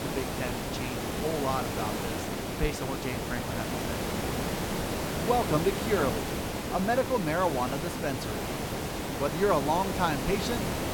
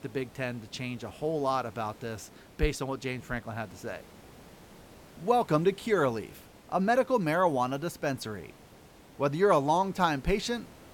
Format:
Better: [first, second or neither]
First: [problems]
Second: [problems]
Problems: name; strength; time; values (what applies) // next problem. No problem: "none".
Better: second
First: hiss; loud; throughout; 1 dB below the speech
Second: hiss; faint; throughout; 25 dB below the speech